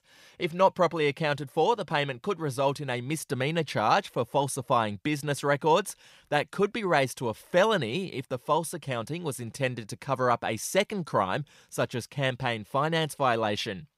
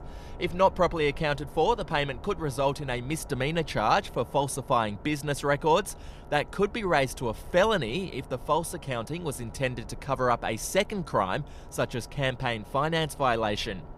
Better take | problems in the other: first | low rumble; faint; throughout; 20 dB below the speech

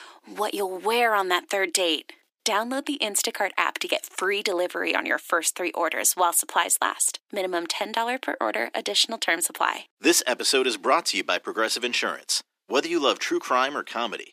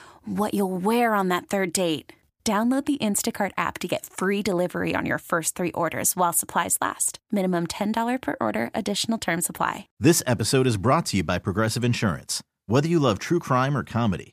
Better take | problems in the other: second | thin; somewhat; fading below 300 Hz

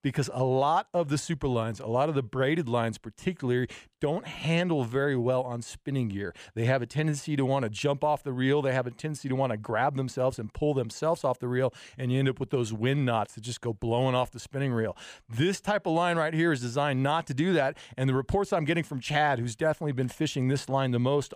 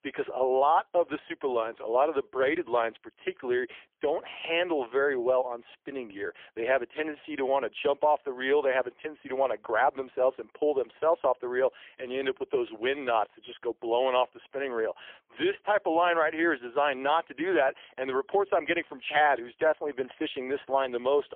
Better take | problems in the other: first | phone-call audio; poor line; nothing above 3.5 kHz

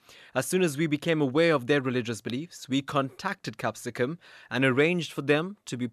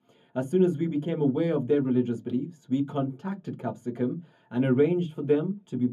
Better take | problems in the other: first | room echo; very slight; dies away in 0.3 s // off-mic speech; far

